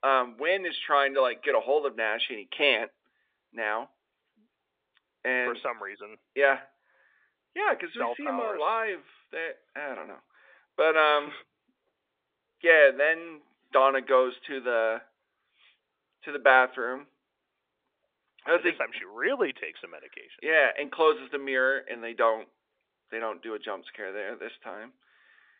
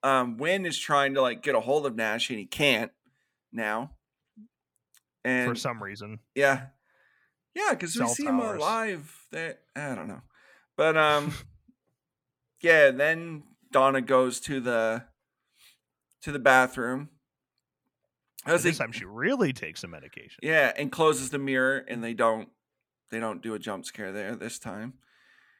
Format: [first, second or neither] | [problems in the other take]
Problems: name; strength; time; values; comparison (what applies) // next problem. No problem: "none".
second | phone-call audio; nothing above 3.5 kHz